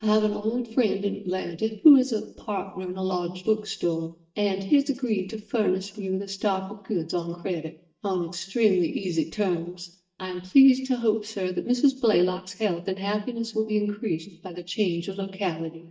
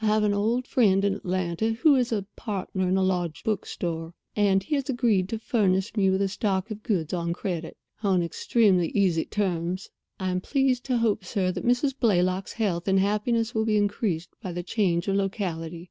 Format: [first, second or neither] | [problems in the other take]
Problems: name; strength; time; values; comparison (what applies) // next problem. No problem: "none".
second | noise reduction (neural mask model DeepFilterNet 3)